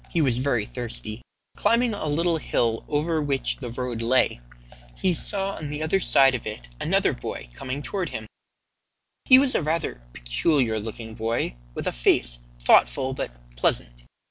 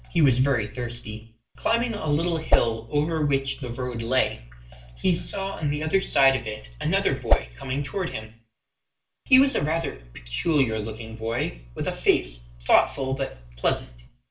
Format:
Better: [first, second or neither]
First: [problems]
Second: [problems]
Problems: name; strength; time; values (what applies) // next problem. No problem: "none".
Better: first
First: none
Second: background sound (Whoosh, swoosh, swish); 4 dB above the speech // room echo; dies away in 0.3 s